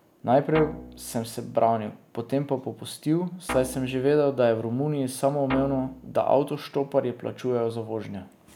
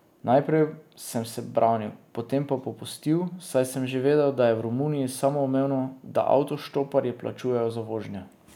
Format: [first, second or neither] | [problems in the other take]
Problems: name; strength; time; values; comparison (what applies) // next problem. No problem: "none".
second | background sound (Guitar); 11 dB below the speech